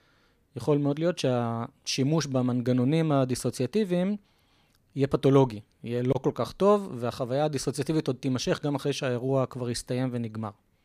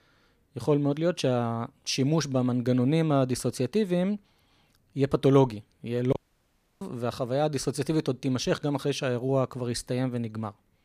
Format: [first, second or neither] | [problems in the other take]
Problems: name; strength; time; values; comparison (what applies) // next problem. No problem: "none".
first | audio cutting out; at 6 s for 0.5 s